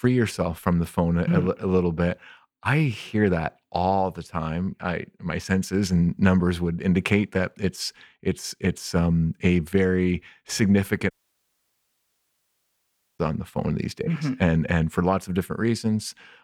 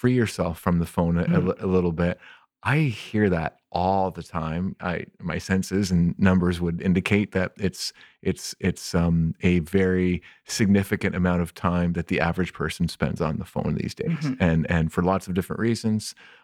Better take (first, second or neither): second